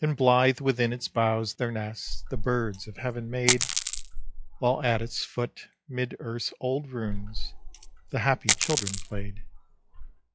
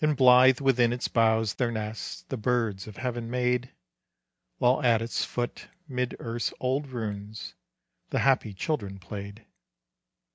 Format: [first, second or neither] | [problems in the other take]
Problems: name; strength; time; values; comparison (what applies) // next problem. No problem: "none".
second | noise reduction (classical method log-MMSE)